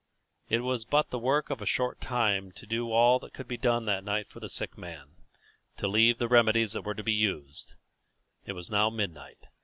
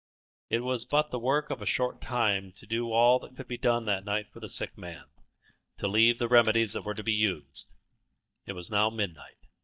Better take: first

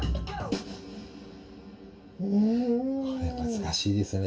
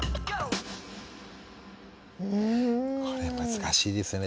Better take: second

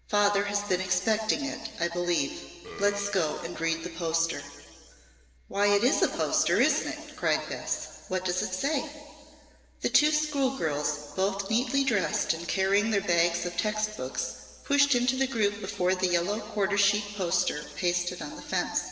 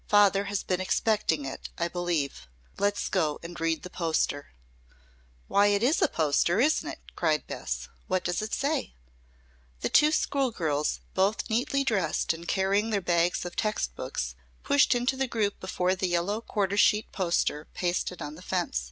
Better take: second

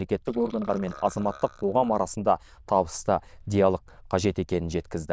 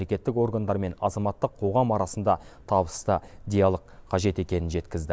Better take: second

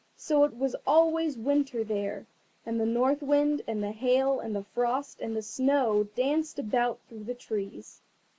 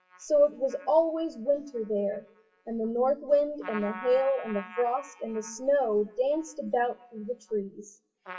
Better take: first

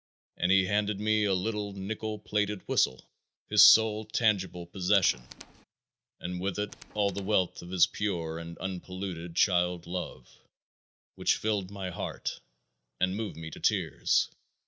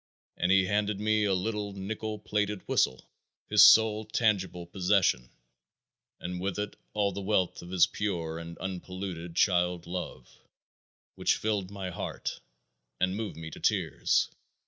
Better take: second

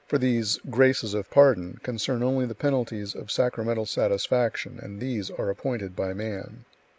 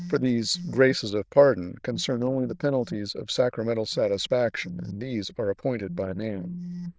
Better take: first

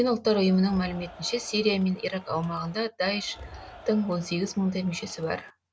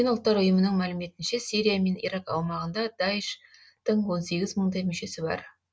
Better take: second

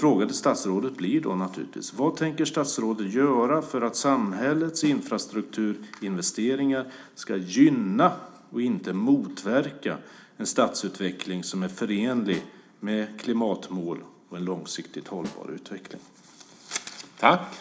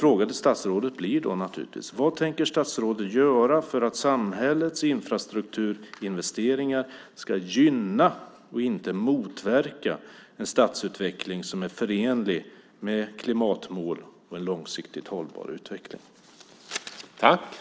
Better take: second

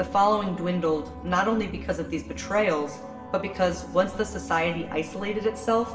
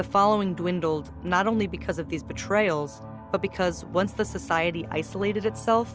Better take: second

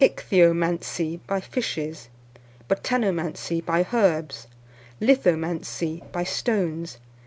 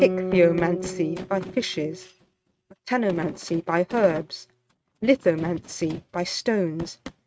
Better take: first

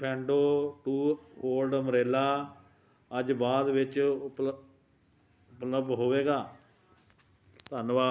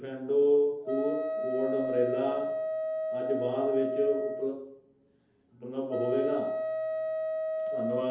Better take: first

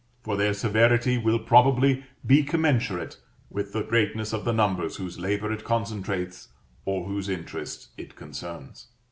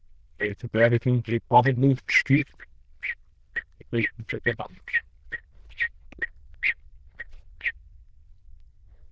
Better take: first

